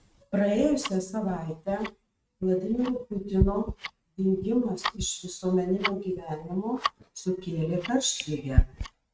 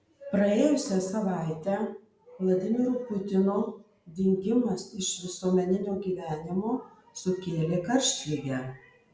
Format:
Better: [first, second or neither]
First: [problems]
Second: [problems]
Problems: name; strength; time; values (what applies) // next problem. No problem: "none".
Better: second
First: noise reduction (neural mask model RNNoise)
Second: none